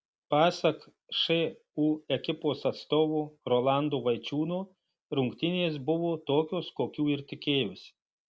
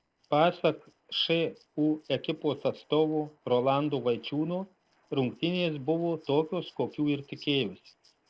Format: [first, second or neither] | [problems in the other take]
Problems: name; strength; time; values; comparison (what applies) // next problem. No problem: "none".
first | noise reduction (neural separator model SepFormer DNS4)